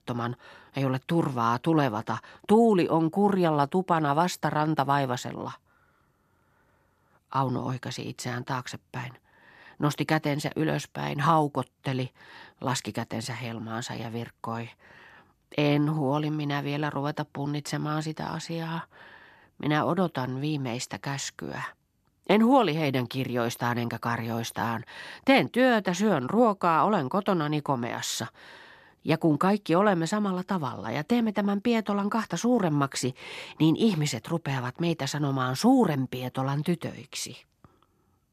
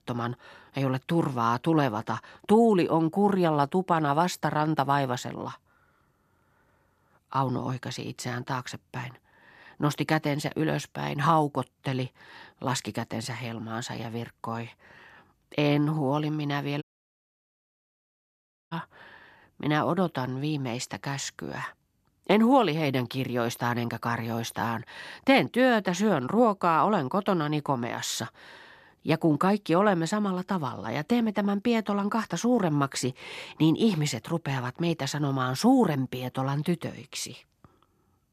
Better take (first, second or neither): first